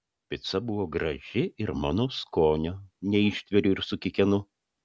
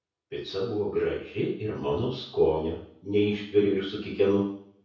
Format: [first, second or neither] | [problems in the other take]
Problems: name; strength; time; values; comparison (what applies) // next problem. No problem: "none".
first | room echo; dies away in 0.6 s